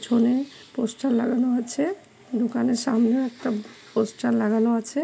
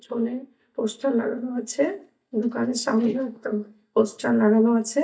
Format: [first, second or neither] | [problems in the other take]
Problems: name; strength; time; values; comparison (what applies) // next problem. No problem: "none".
first | noise reduction (neural mask model DeepFilterNet 3)